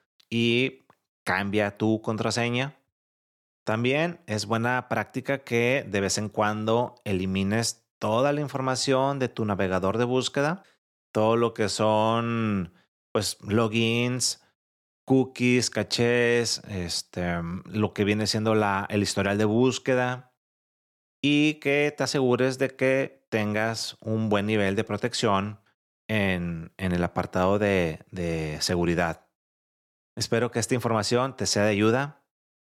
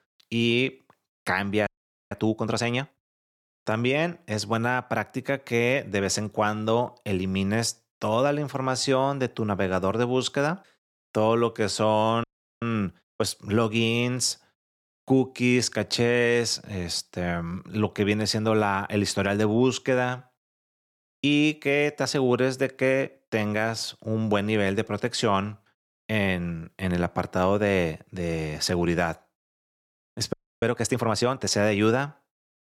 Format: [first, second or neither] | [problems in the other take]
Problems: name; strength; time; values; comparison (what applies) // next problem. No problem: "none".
first | audio freezing; at 1.5 s, at 12 s and at 30 s